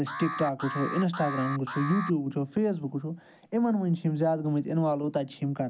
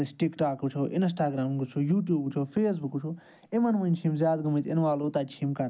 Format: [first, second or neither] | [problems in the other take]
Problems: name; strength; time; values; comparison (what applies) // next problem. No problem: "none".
second | background sound (Alarm); 9 dB below the speech